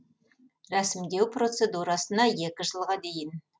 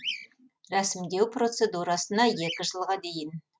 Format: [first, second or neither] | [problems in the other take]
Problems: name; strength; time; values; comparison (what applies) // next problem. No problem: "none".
first | noise reduction (neural mask model RNNoise)